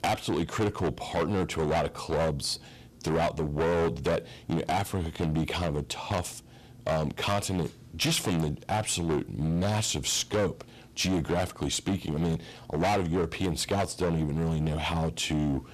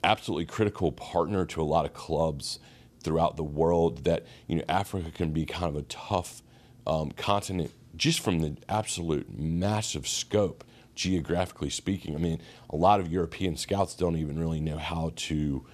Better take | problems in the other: second | distortion; heavy; 16% of the sound clipped

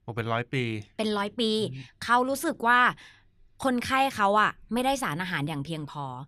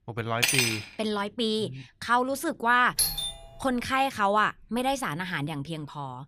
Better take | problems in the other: first | clattering dishes; loud; at 0.5 s; peak 5 dB above the speech // doorbell; loud; at 3 s; peak 2 dB above the speech

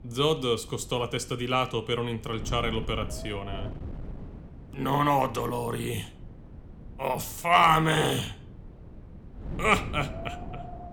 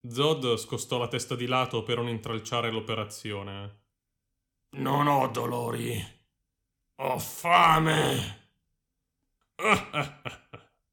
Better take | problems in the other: second | wind noise on the microphone; occasional gusts; 20 dB below the speech

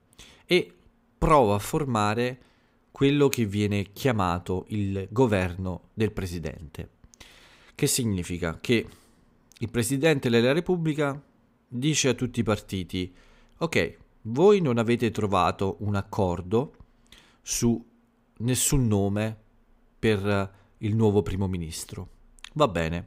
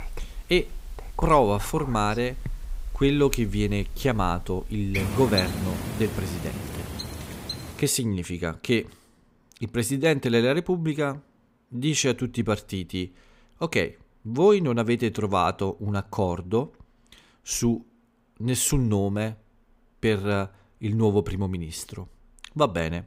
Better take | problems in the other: first | animal sounds; loud; until 8 s; 9 dB below the speech

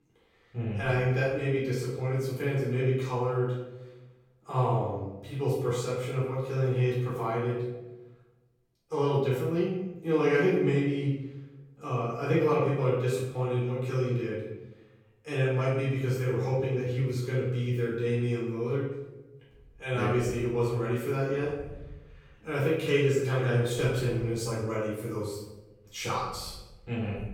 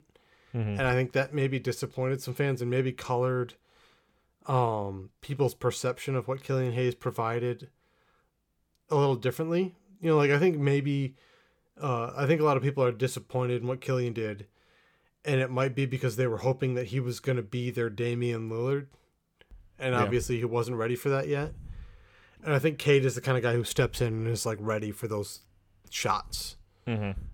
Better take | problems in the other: second | off-mic speech; far // room echo; noticeable; dies away in 0.8 s

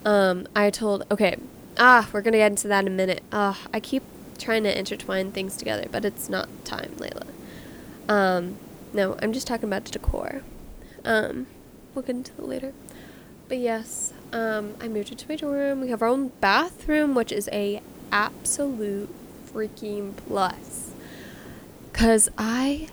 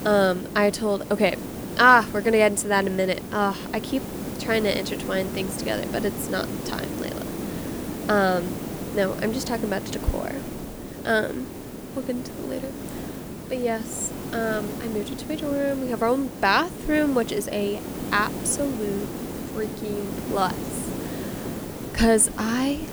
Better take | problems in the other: first | hiss; loud; throughout; 9 dB below the speech; faint in the first

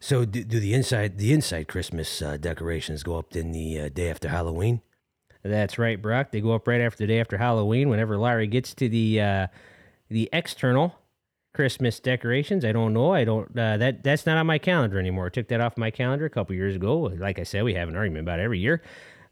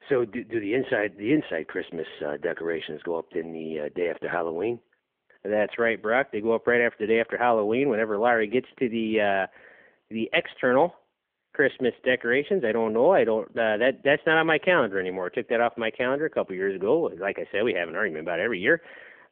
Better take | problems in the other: first | phone-call audio; nothing above 3.5 kHz

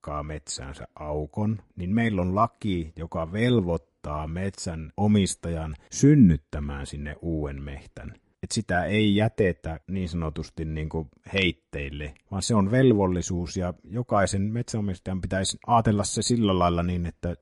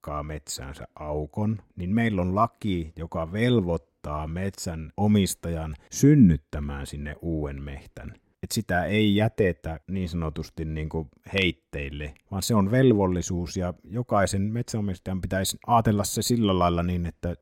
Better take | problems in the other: second | garbled, watery; slightly; nothing above 11 kHz

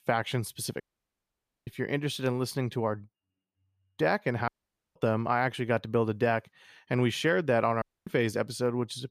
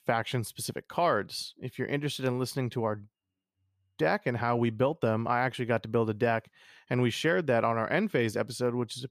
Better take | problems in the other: second | audio cutting out; at 1 s for 1 s, at 4.5 s and at 8 s

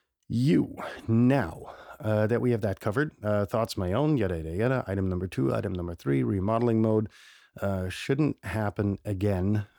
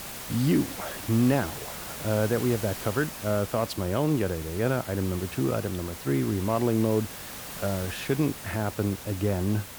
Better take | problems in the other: first | hiss; loud; throughout; 10 dB below the speech

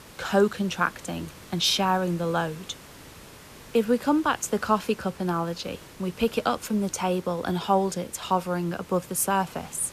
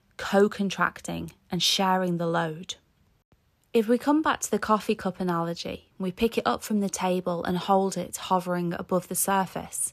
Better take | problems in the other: second | hiss; noticeable; throughout; 20 dB below the speech

